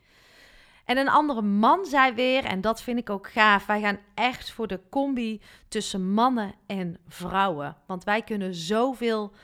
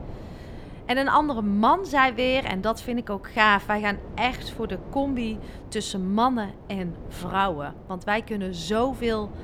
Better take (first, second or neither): first